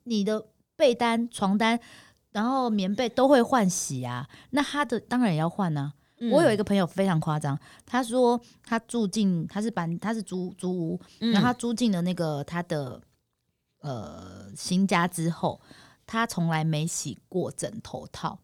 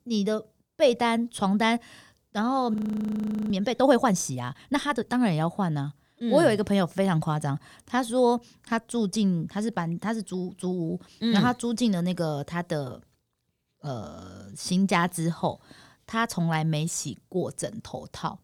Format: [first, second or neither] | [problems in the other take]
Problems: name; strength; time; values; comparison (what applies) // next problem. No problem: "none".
first | audio freezing; at 2.5 s for 1 s